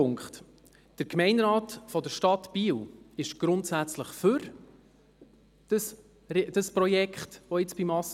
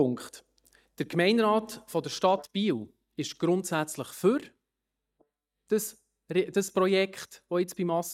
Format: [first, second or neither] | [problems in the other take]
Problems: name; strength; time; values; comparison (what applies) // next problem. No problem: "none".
first | noise reduction (neural mask model DeepFilterNet 3)